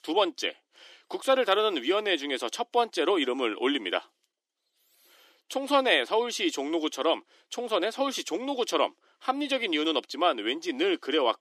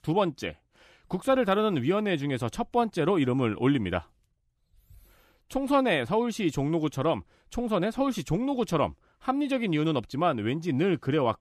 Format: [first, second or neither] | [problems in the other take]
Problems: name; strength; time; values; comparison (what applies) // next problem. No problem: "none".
second | thin; somewhat; fading below 300 Hz